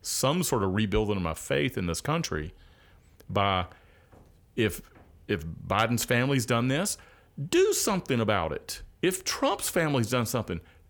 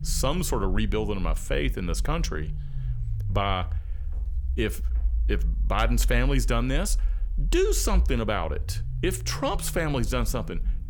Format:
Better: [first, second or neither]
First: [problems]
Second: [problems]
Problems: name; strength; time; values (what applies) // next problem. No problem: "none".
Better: first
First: none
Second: low rumble; faint; throughout; 20 dB below the speech